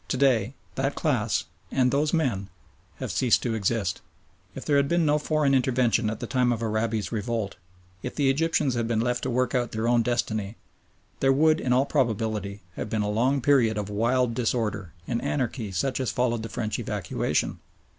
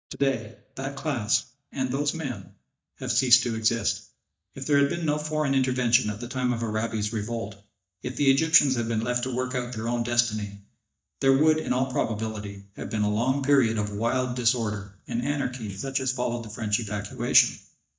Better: first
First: none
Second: noise reduction (neural mask model DeepFilterNet 3)

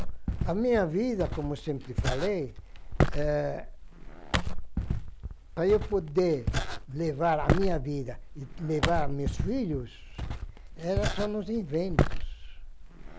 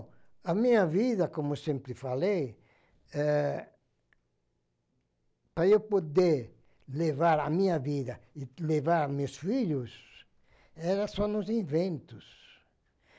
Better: second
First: background sound (Walk, footsteps); as loud as the speech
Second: none

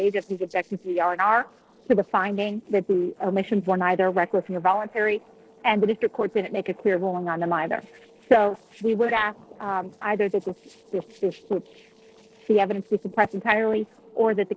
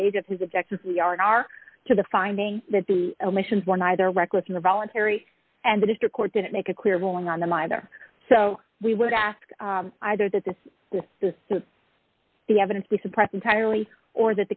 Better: second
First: noise reduction (neural separator model SepFormer DNS4)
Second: none

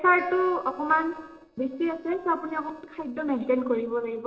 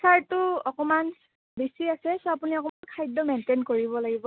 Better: second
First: noise reduction (neural separator model SepFormer DNS4)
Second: none

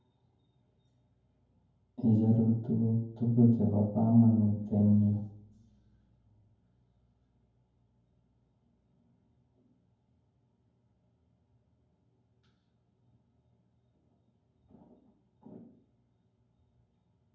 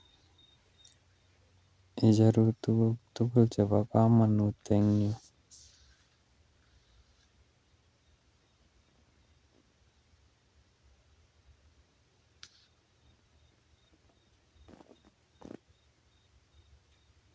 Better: second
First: room echo; dies away in 0.9 s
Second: none

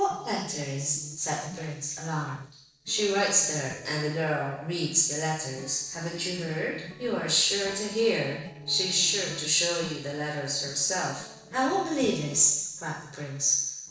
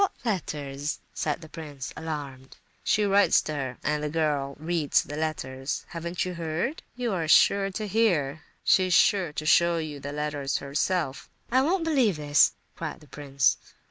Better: second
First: noise reduction (neural separator model SepFormer DNS4)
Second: none

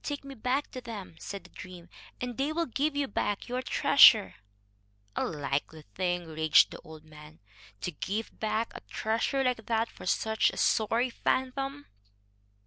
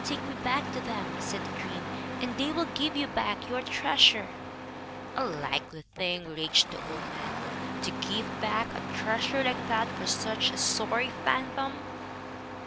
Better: first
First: none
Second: background sound (Engine starting); 5 dB below the speech

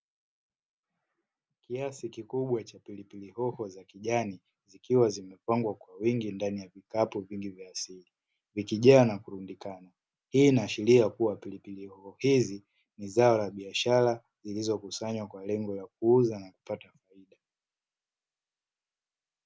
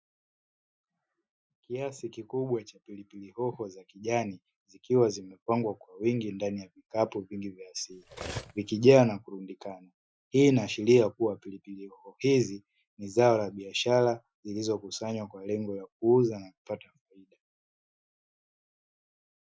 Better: first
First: none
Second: noise reduction (classical method Wiener filter)

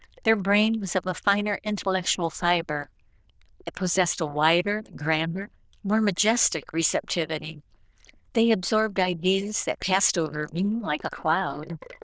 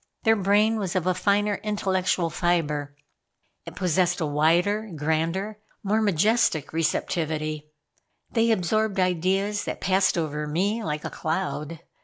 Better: second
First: noise reduction (neural diffusion model UNIVERSE++)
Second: none

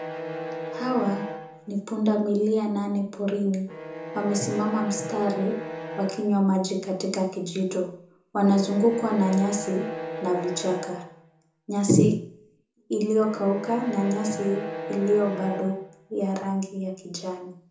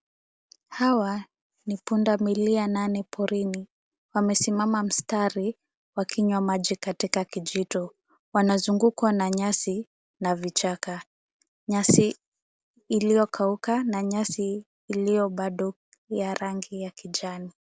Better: second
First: background sound (Bowed string instrument); 11 dB below the speech // room echo; dies away in 0.5 s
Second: none

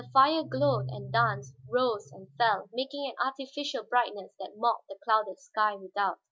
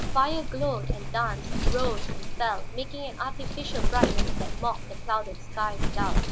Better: first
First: none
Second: background sound (Wind); 4 dB above the speech

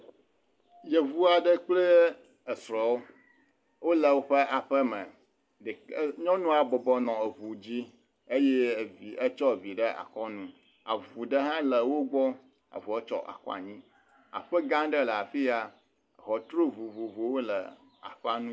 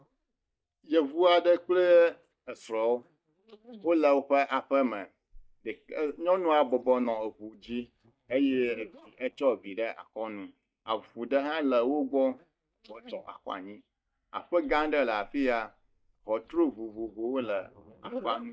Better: first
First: none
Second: noise reduction (neural mask model DeepFilterNet 3)

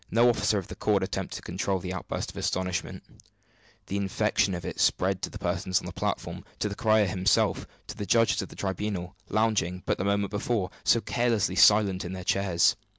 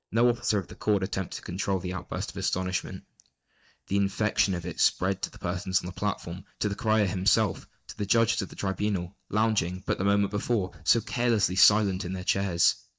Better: first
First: none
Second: noise reduction (neural mask model DeepFilterNet 3)

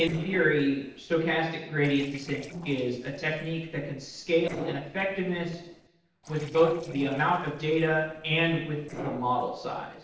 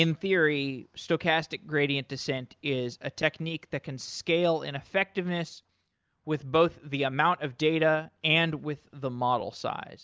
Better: second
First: noise reduction (neural separator model SepFormer DNS4)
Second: none

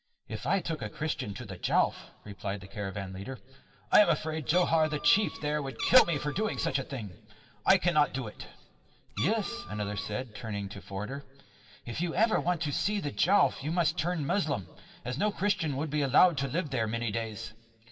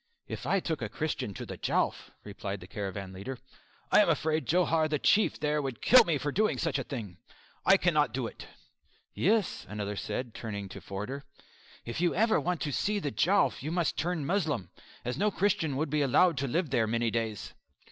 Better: second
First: background sound (Meow); 13 dB below the speech // room echo; dies away in 1.5 s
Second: none

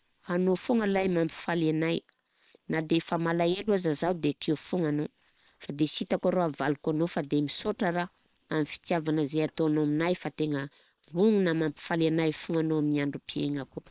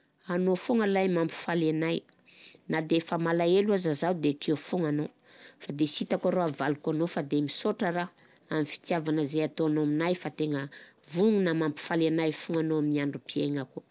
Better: second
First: noise reduction (neural separator model SepFormer WHAM!)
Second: none

